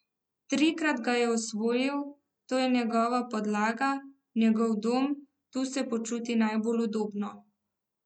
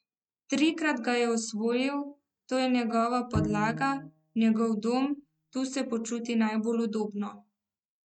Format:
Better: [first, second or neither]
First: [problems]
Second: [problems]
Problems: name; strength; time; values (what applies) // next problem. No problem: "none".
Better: first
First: none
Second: noise reduction (neural mask model RNNoise)